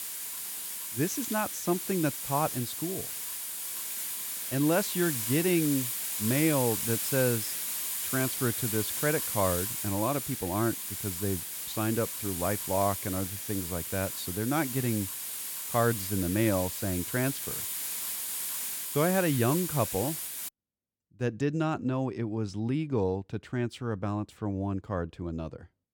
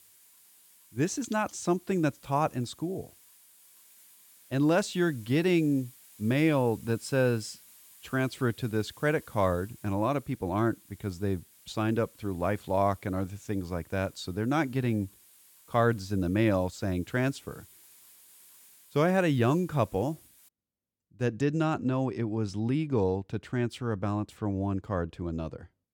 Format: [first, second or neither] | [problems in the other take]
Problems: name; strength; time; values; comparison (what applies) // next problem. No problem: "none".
second | hiss; loud; until 20 s; 2 dB below the speech; faint in the second